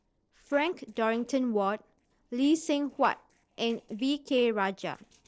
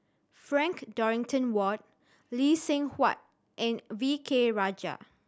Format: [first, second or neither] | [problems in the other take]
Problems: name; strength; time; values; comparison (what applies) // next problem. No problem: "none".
second | noise reduction (neural separator model SepFormer DNS4)